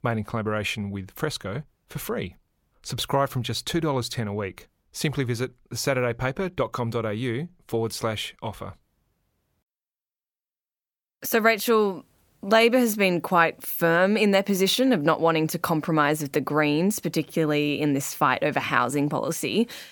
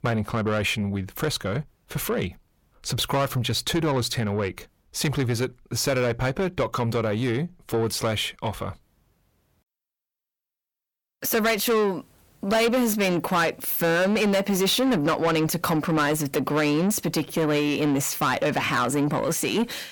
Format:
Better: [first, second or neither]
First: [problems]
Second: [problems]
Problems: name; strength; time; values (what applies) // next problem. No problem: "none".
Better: first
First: none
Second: distortion; heavy; 8 dB below the speech